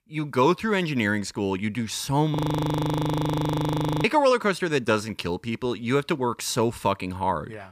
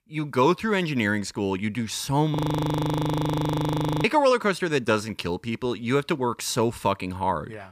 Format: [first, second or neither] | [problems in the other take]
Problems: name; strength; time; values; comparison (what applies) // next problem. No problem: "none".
neither | audio freezing; at 2.5 s for 1.5 s; the same in both